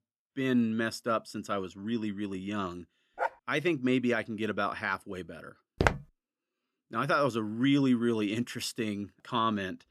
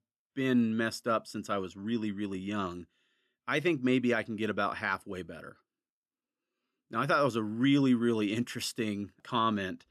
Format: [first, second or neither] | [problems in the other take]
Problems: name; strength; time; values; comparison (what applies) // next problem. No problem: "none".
second | dog barking; noticeable; at 3 s; peak 5 dB below the speech // footsteps; loud; at 6 s; peak 1 dB above the speech